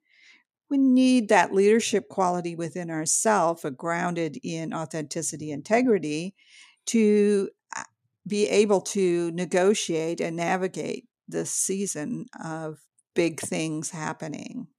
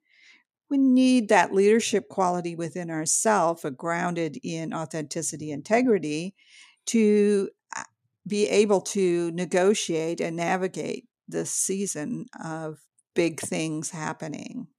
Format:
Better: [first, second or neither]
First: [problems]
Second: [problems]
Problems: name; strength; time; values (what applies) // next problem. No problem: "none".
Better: neither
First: none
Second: none